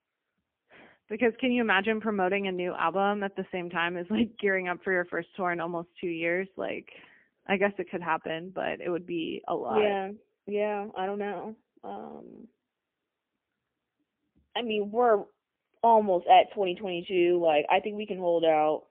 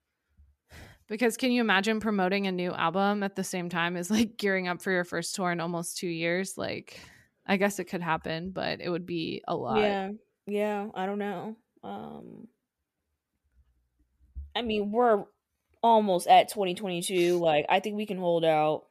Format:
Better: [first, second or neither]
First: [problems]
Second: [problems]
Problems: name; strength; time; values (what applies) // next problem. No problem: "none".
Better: second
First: phone-call audio; poor line; nothing above 3 kHz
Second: none